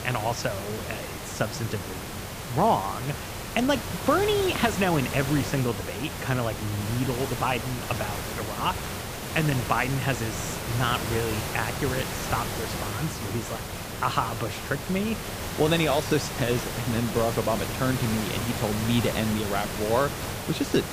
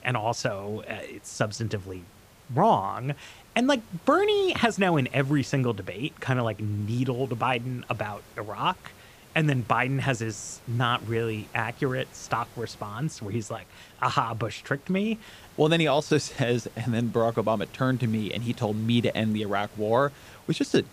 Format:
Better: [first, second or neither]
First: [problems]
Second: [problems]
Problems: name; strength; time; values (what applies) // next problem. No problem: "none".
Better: second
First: hiss; loud; throughout; 4 dB below the speech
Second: hiss; faint; throughout; 25 dB below the speech